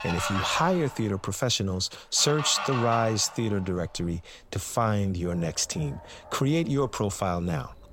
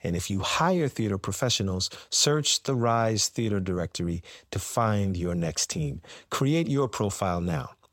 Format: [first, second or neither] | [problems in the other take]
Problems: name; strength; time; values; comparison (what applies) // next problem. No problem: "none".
second | animal sounds; loud; throughout; 9 dB below the speech